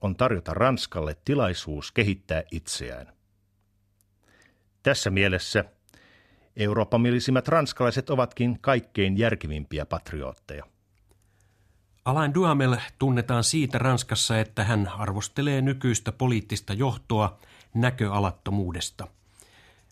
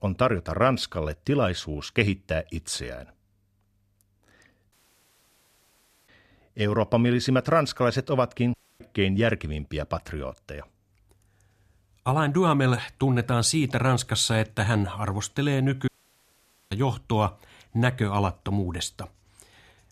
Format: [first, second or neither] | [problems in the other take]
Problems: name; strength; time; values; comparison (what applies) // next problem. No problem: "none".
first | audio cutting out; at 4.5 s for 1.5 s, at 8.5 s and at 16 s for 1 s